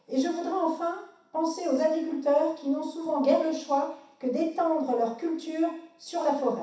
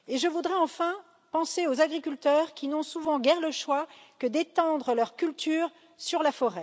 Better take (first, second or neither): second